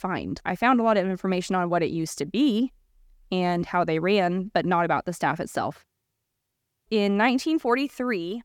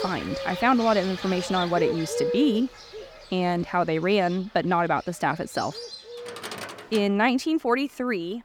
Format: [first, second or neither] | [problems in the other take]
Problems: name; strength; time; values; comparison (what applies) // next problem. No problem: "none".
first | animal sounds; loud; throughout; 8 dB below the speech